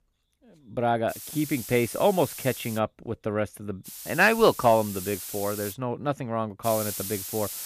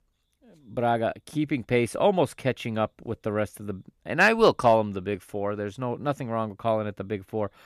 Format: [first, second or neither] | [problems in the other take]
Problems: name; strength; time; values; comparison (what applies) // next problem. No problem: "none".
second | hiss; loud; from 1 to 3 s, from 4 to 5.5 s and from 6.5 s on; 10 dB below the speech